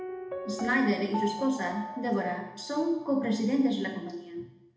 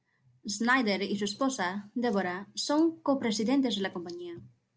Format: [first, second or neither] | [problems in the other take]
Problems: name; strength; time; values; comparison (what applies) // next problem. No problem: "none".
second | background sound (Piano); 10 dB below the speech // room echo; dies away in 0.8 s